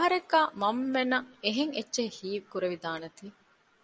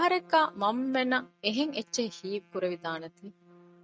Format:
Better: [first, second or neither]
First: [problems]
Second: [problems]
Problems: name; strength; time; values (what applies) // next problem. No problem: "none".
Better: first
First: none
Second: noise reduction (neural mask model RNNoise)